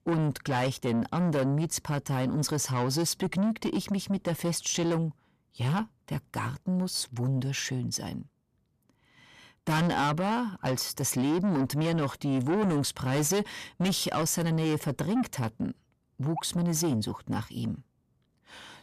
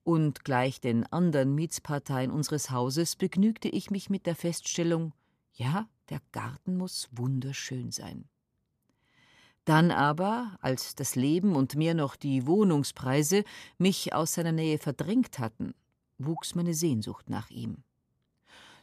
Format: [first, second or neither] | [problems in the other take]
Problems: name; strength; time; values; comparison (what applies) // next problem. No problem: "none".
second | distortion; heavy; 8 dB below the speech